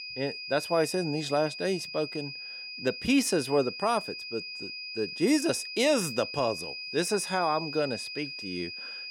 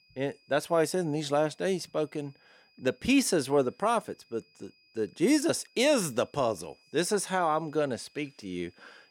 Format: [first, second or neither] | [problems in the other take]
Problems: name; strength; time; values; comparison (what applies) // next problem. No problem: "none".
second | high-pitched whine; loud; throughout; 5 kHz, 7 dB below the speech; faint in the second